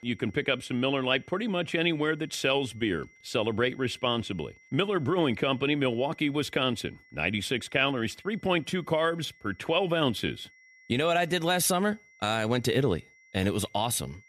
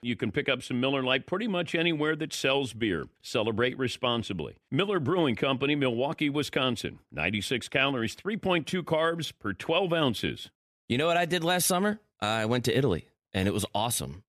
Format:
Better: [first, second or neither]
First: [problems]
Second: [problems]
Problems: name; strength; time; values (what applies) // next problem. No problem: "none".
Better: second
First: high-pitched whine; faint; throughout; 2 kHz, 30 dB below the speech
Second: none